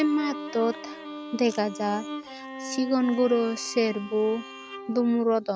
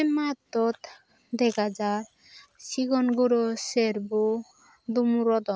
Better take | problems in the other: second | background sound (Bowed string instrument); 12 dB below the speech

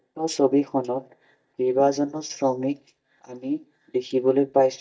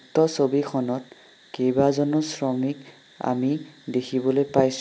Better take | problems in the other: second | noise reduction (neural mask model DeepFilterNet 3)

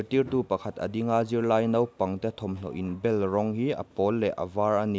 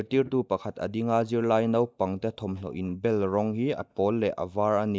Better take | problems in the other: first | noise reduction (neural mask model DeepFilterNet 3)

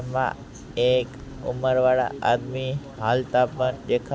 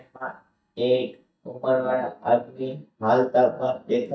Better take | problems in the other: first | noise reduction (neural mask model DeepFilterNet 3)

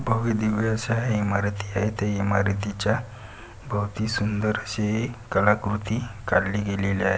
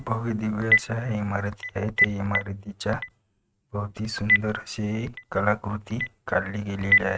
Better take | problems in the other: first | noise reduction (neural mask model RNNoise)

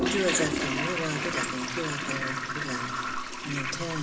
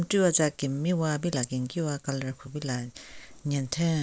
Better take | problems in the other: second | background sound (Toilet flush); 1 dB above the speech // room echo; dies away in 1.3 s

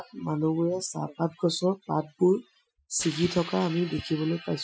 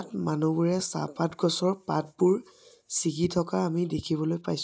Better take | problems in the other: second | noise reduction (classical method Wiener filter)

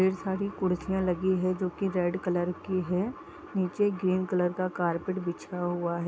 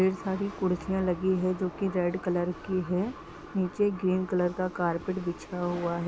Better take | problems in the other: first | background sound (Rattle / Chatter / Hiss / Engine / Mechanisms); 20 dB below the speech

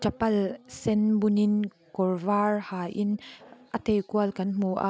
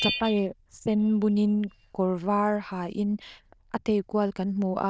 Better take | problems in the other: first | noise reduction (neural diffusion model UNIVERSE++)

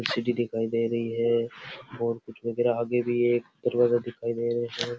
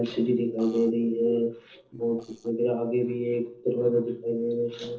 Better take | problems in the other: first | noise reduction (neural separator model SepFormer DNS4)

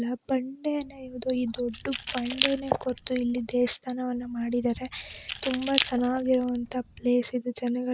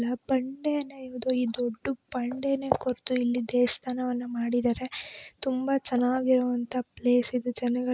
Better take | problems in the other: second | background sound (Keys jangling); 8 dB below the speech

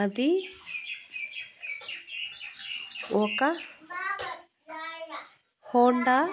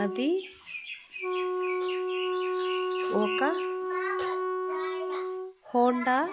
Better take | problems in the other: first | background sound (Wind instrument, woodwind instrument); as loud as the speech

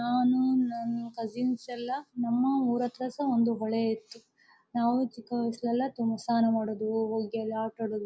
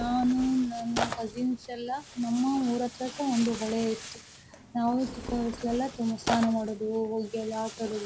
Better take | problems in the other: first | background sound (Tearing); 10 dB below the speech

